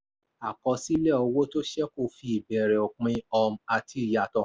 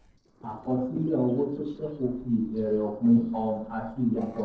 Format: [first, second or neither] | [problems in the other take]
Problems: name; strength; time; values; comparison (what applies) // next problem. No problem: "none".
first | noise reduction (neural separator model SepFormer DNS4)